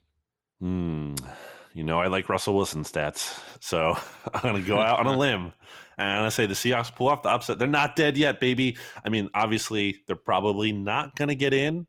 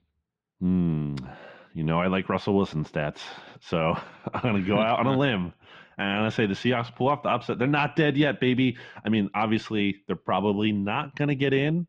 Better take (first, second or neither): first